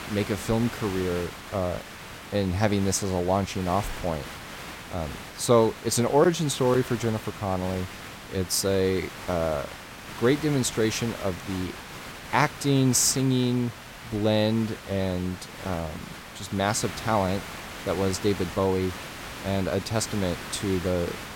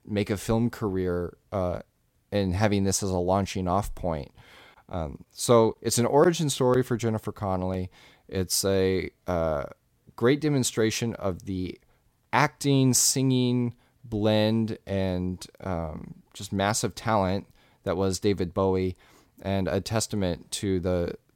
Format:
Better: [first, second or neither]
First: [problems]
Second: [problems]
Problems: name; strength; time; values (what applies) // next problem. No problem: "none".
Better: second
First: hiss; noticeable; throughout; 10 dB below the speech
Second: none